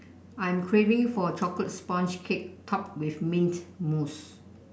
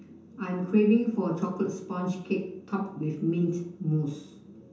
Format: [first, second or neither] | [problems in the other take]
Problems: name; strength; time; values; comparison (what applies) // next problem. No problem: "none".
first | room echo; dies away in 0.6 s